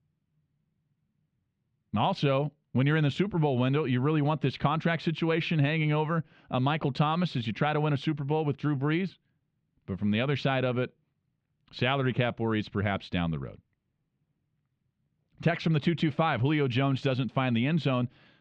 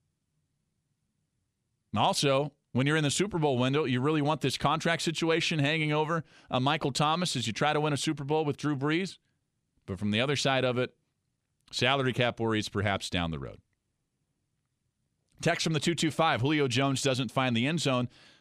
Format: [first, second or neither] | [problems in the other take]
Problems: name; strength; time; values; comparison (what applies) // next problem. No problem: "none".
second | muffled; slightly; fading above 3 kHz